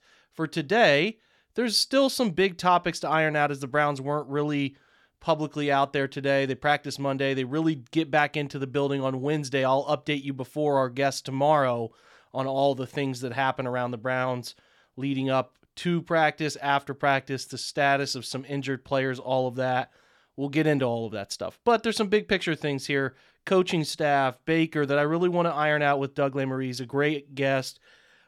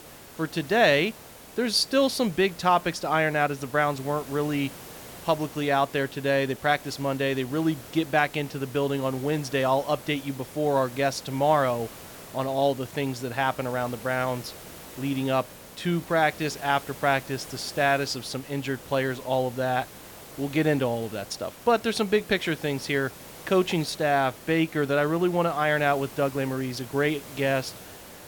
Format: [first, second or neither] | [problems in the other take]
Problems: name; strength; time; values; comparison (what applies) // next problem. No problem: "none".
first | hiss; noticeable; throughout; 15 dB below the speech